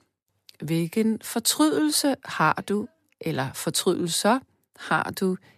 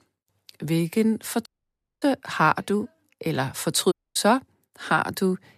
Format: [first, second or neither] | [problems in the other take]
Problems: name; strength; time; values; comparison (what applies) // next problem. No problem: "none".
first | audio cutting out; at 1.5 s for 0.5 s and at 4 s